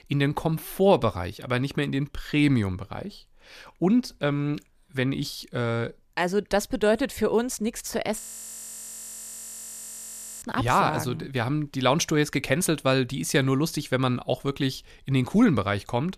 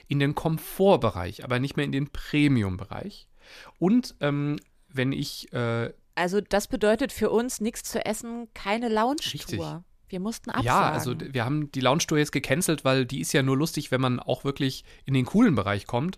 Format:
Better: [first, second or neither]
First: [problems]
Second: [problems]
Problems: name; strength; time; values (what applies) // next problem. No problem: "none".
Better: second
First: audio freezing; at 8 s for 2 s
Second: none